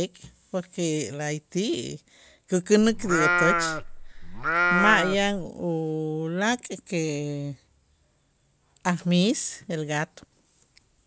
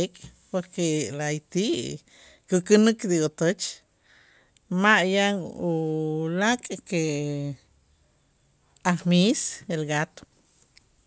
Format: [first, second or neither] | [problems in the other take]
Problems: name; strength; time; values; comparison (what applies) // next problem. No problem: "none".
second | background sound (Livestock, farm animals, working animals); 2 dB above the speech